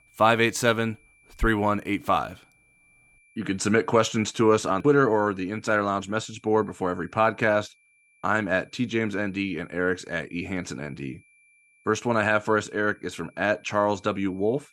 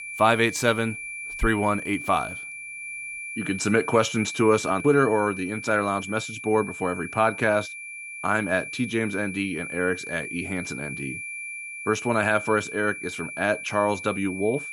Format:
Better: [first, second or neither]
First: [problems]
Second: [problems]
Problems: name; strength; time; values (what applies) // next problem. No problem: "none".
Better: first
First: high-pitched whine; faint; throughout; 2.5 kHz, 35 dB below the speech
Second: high-pitched whine; loud; throughout; 2.5 kHz, 9 dB below the speech